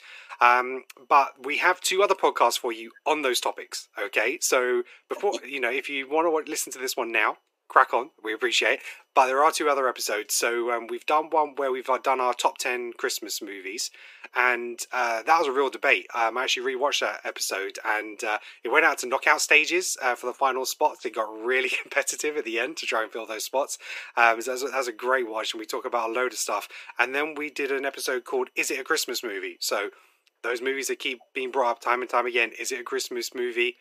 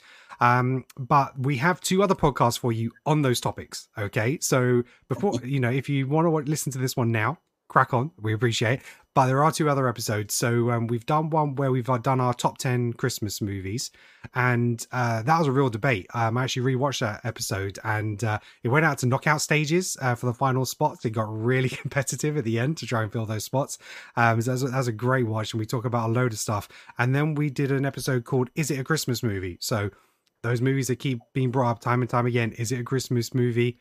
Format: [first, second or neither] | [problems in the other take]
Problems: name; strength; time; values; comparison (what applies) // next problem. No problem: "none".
second | thin; very; fading below 350 Hz